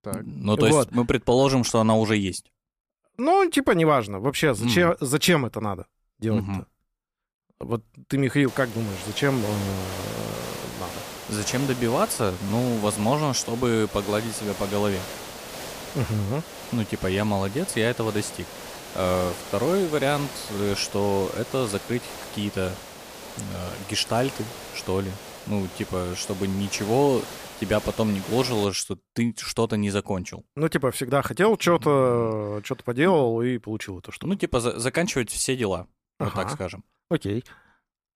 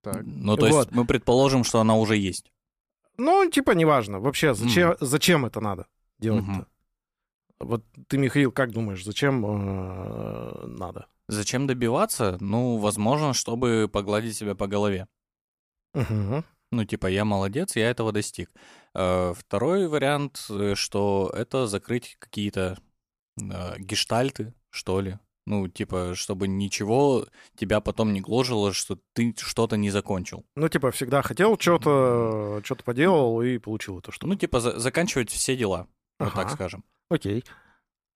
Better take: second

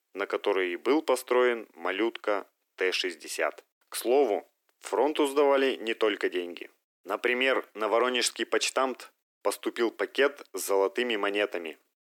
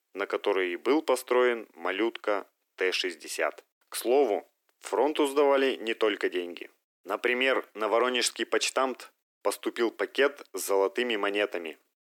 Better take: neither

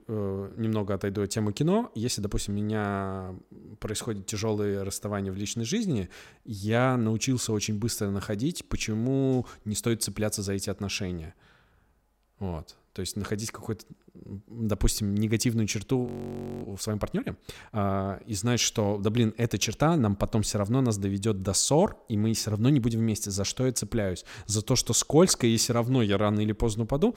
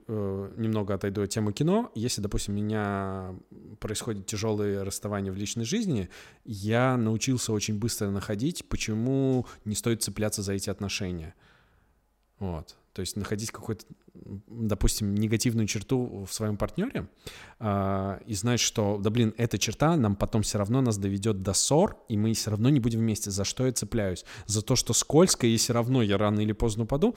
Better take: second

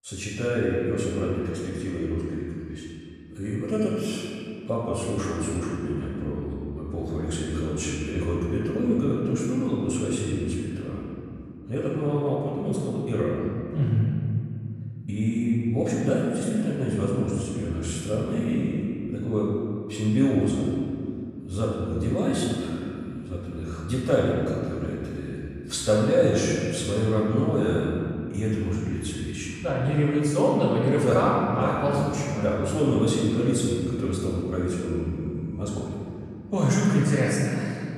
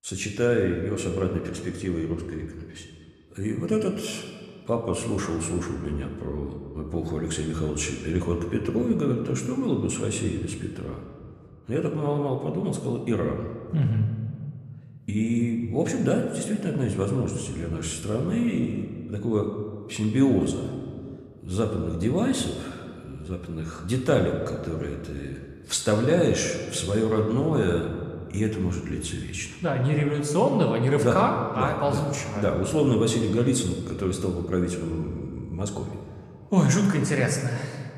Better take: second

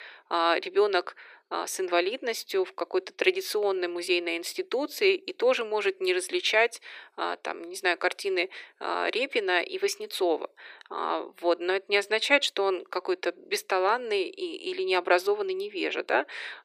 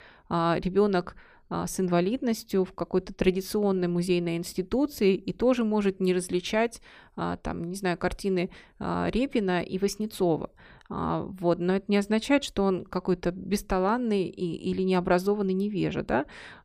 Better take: second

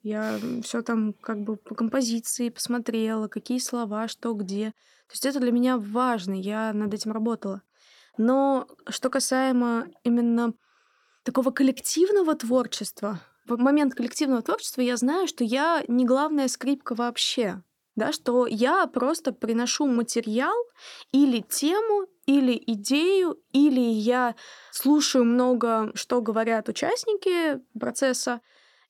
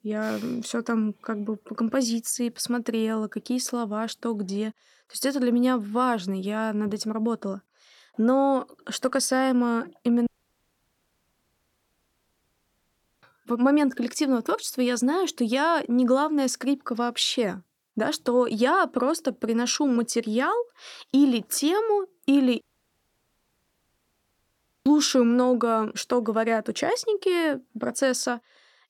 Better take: first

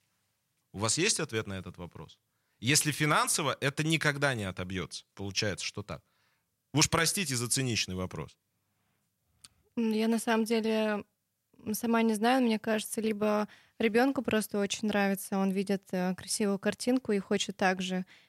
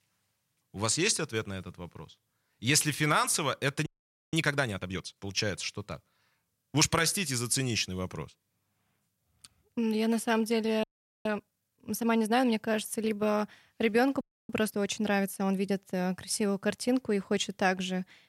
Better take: first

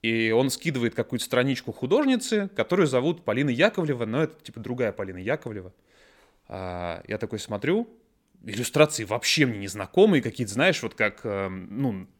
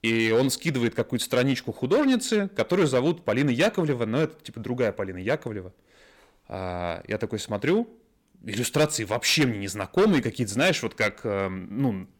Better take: first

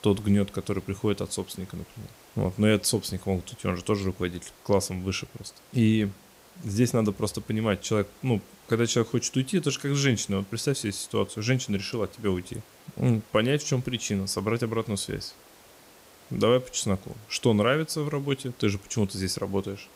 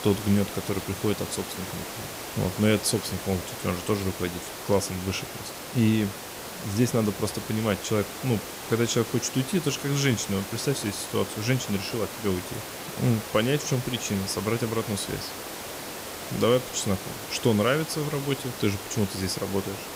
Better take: first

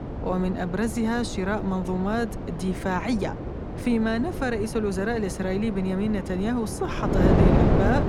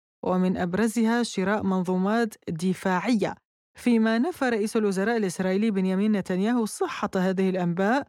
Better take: second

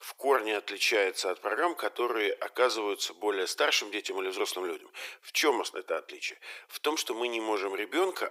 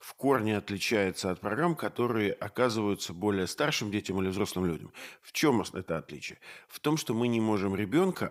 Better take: second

